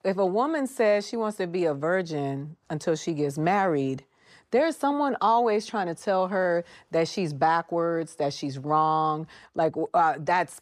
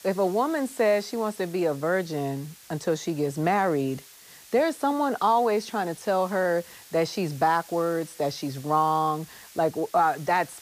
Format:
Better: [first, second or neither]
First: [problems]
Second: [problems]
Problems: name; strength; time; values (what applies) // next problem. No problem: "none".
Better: first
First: none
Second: hiss; faint; throughout; 20 dB below the speech